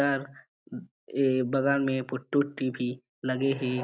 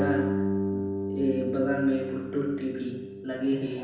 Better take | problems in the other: first | background sound (Guitar); 2 dB below the speech // room echo; dies away in 0.9 s

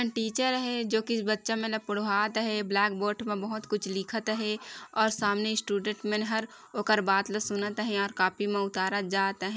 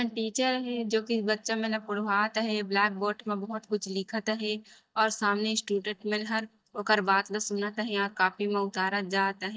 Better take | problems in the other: first | noise reduction (neural mask model DeepFilterNet 3)

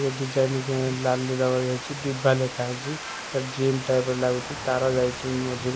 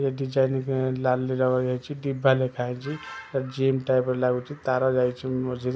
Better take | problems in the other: second | background sound (Water); 10 dB below the speech

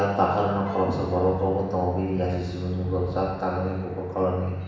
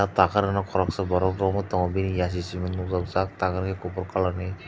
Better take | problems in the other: second | background sound (Piano); 19 dB below the speech // room echo; dies away in 1.1 s

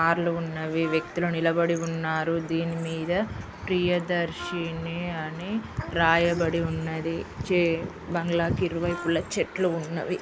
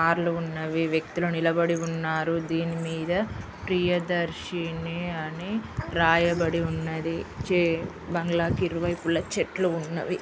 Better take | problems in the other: second | background sound (Wind instrument, woodwind instrument); 16 dB below the speech

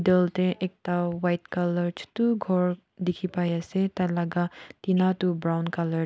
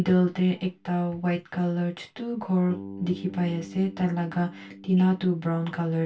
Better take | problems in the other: first | background sound (Bass guitar); 18 dB below the speech // room echo; dies away in 0.2 s

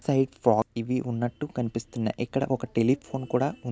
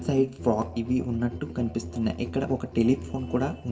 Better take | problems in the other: first | background sound (Musical instrument); 11 dB below the speech // room echo; dies away in 0.7 s

